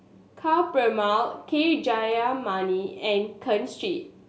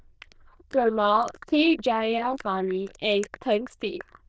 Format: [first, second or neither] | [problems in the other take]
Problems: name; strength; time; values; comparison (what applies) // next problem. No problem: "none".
first | noise reduction (neural diffusion model UNIVERSE++)